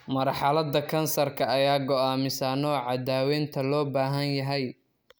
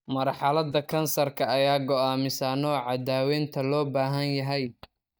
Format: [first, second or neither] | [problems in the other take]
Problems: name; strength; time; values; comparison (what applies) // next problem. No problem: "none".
first | noise reduction (neural mask model DeepFilterNet 3)